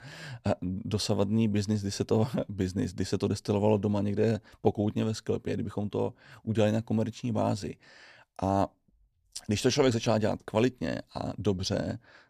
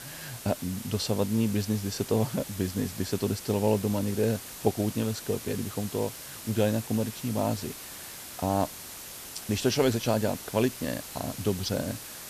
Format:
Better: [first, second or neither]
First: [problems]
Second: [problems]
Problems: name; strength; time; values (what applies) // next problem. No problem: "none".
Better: first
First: none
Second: hiss; noticeable; throughout; 10 dB below the speech